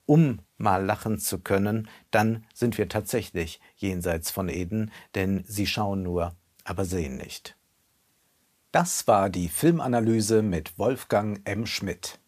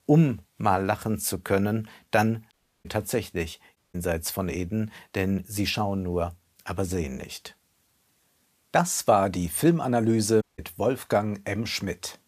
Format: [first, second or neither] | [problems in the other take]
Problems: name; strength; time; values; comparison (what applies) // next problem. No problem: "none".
first | audio cutting out; at 2.5 s, at 4 s and at 10 s